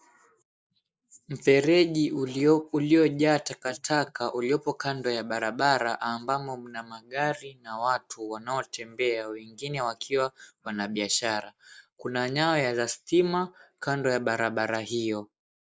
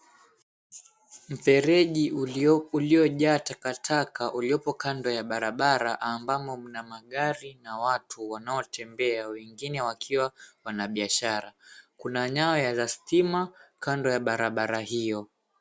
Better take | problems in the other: second | noise reduction (neural mask model Resemble Enhance denoiser)

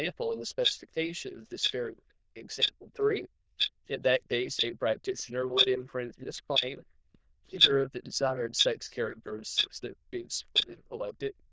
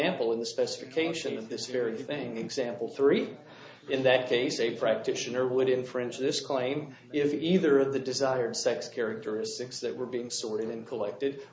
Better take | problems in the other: second | noise reduction (neural diffusion model UNIVERSE++)

